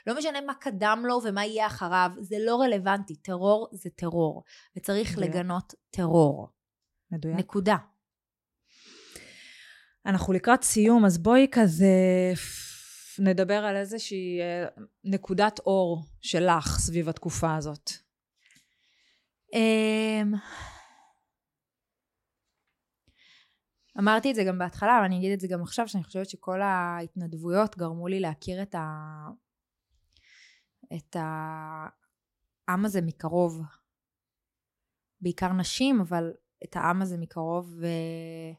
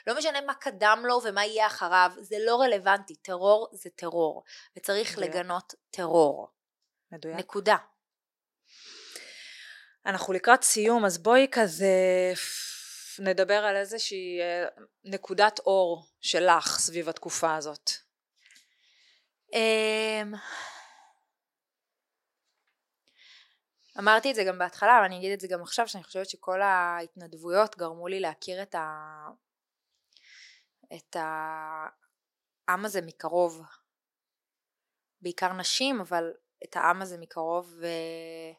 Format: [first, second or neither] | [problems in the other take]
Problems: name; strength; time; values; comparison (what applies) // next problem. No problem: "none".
first | thin; somewhat; fading below 500 Hz